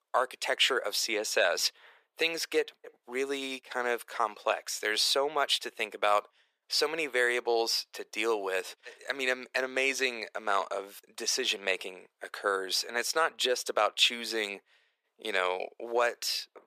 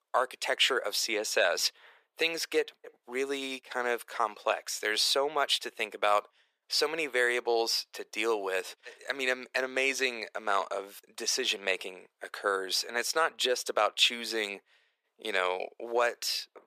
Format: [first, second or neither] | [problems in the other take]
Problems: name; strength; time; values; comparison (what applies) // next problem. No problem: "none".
neither | thin; very; fading below 450 Hz; the same in both